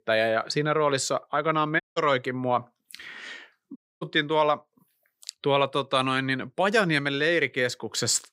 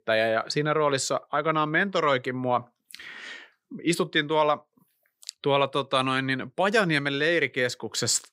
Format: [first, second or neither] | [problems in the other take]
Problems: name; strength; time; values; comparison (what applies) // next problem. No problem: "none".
second | audio cutting out; at 2 s and at 4 s